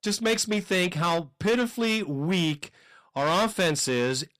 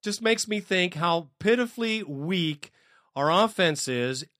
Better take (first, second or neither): second